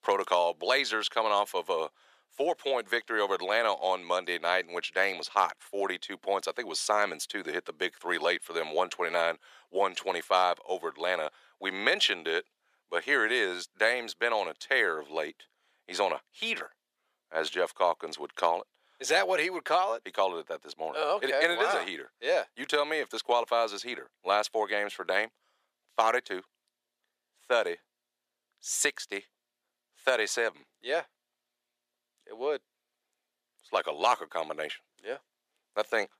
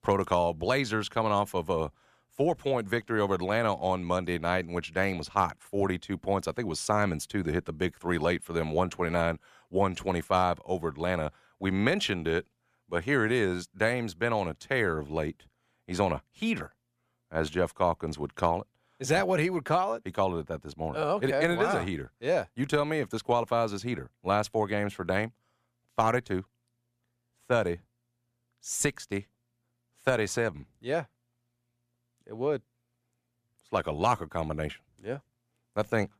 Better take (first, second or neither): second